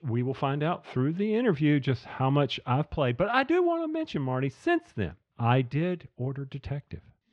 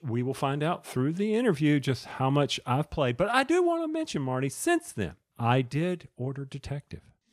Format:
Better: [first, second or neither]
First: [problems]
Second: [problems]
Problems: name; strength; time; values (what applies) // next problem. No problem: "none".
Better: second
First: muffled; slightly; fading above 3.5 kHz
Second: none